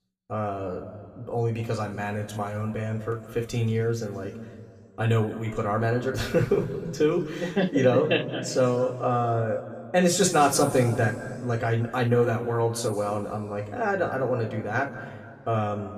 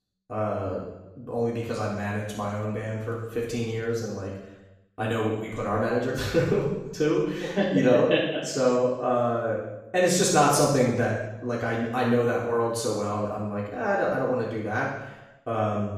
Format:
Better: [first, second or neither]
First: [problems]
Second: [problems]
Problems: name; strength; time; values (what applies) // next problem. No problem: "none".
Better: first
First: room echo; slight; dies away in 1.8 s // off-mic speech; somewhat distant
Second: room echo; strong; dies away in 0.8 s // off-mic speech; far